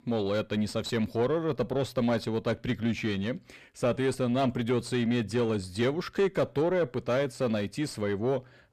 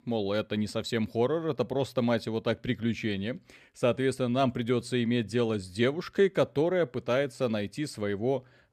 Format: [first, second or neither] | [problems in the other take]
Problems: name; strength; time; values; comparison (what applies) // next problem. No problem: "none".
second | distortion; slight; 10 dB below the speech